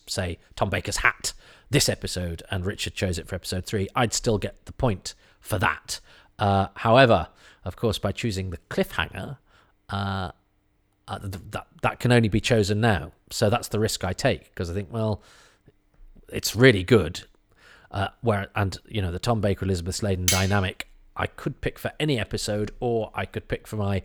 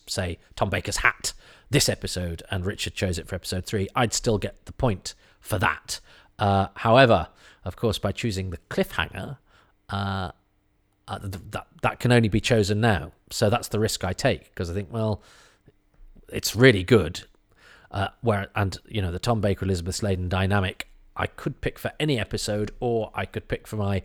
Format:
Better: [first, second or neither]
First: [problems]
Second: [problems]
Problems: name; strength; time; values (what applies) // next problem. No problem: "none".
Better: second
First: clattering dishes; loud; at 20 s; peak 2 dB above the speech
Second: none